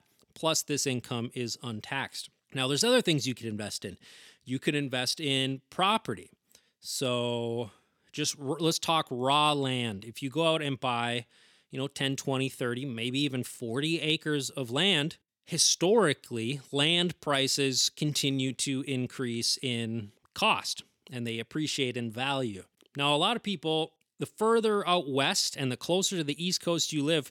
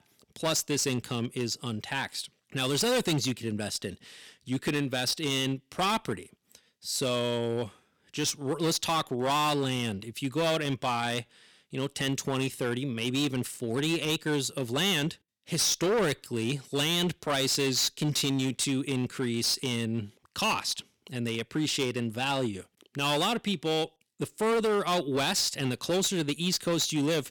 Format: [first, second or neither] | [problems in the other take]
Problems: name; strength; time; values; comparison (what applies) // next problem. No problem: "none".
first | distortion; heavy; 11% of the sound clipped